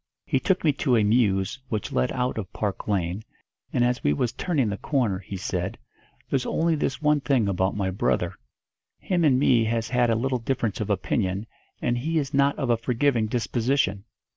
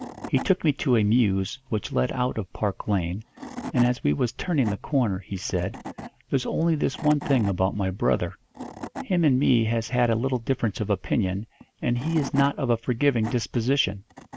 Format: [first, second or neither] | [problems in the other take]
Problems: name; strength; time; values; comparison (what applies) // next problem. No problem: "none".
first | background sound (Wood / Tools); 16 dB below the speech